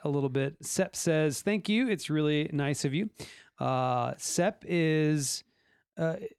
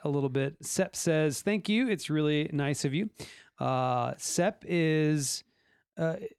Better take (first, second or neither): neither